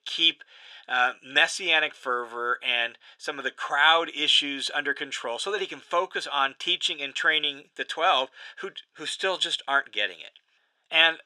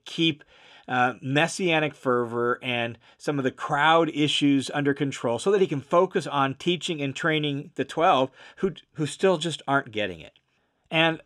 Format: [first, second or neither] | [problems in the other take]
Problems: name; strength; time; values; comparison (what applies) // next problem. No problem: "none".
second | thin; very; fading below 600 Hz